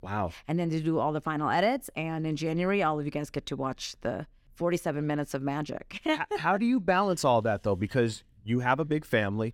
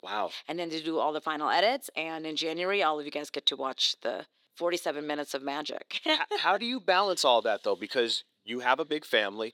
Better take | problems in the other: first | thin; somewhat; fading below 350 Hz

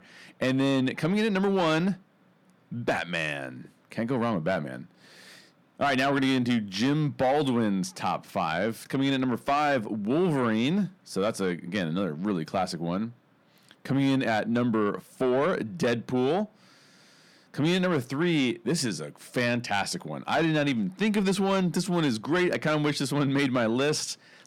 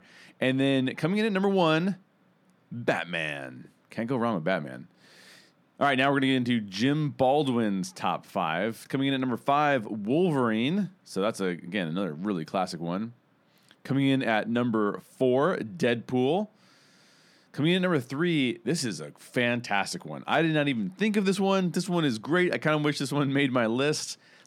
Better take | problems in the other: second | distortion; slight; 10 dB below the speech

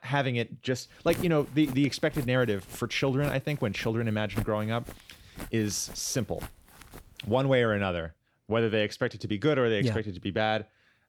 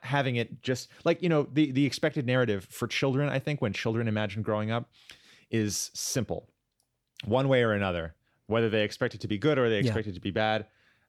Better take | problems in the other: second | footsteps; noticeable; from 1 to 7 s; peak 9 dB below the speech

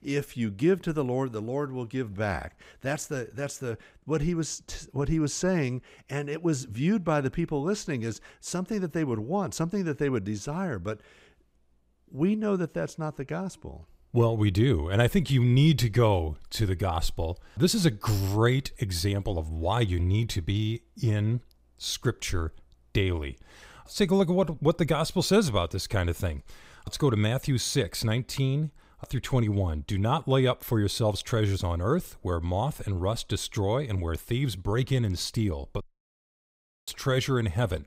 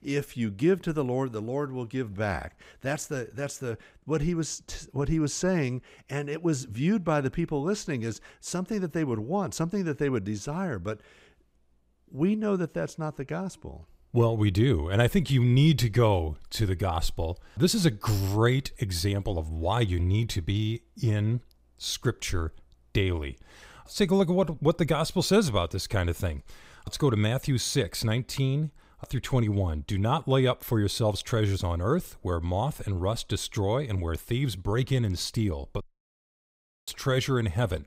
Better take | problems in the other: neither | audio cutting out; at 36 s for 1 s; the same in both

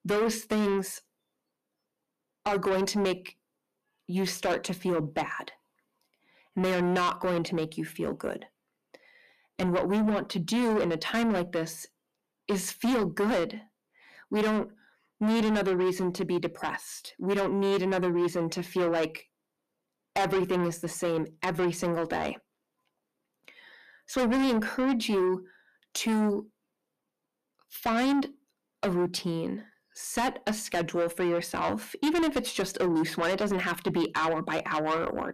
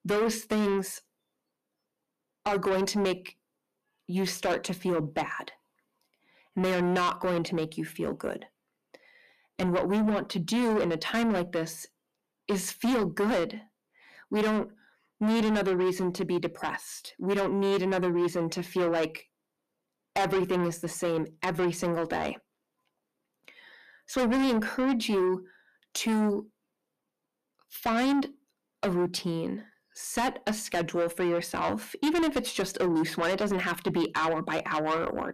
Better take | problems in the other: neither | distortion; heavy; 7 dB below the speech; the same in both

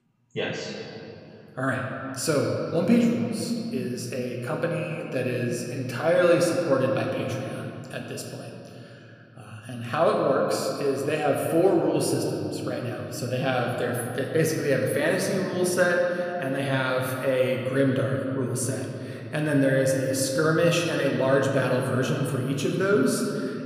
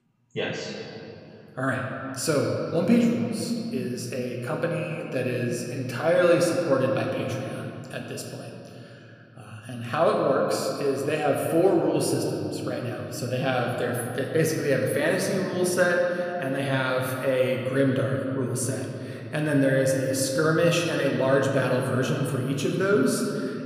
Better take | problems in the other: neither | room echo; noticeable; dies away in 2.8 s; the same in both // off-mic speech; somewhat distant; the same in both

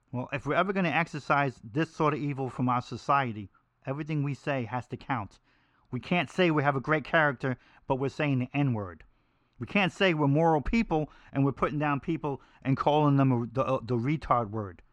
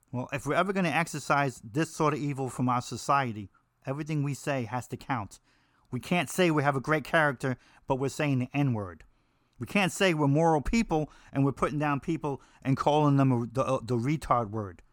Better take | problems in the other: second | muffled; slightly; fading above 3 kHz

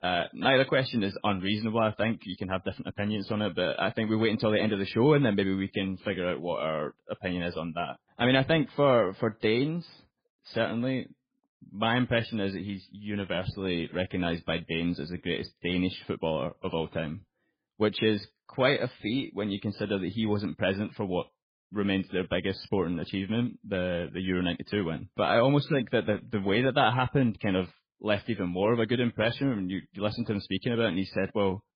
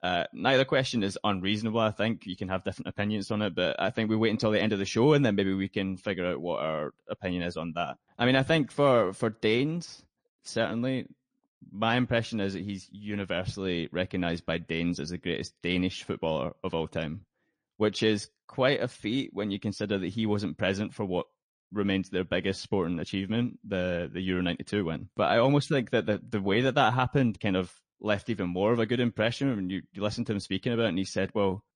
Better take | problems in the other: second | garbled, watery; badly; slightly in the second

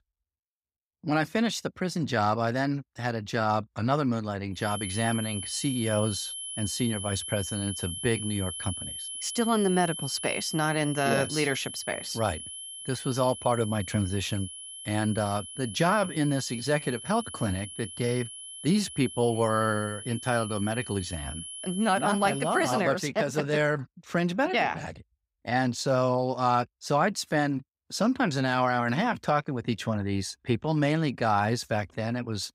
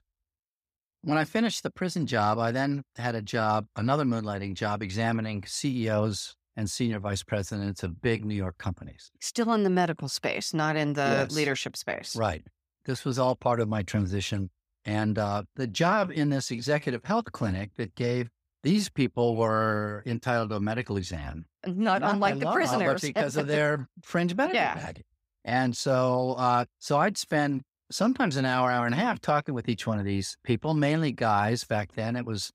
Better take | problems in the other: second | high-pitched whine; loud; from 4.5 to 23 s; 3 kHz, 9 dB below the speech

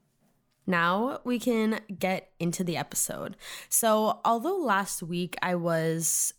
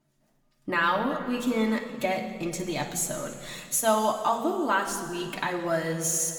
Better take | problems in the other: first | room echo; slight; dies away in 2.2 s // off-mic speech; somewhat distant

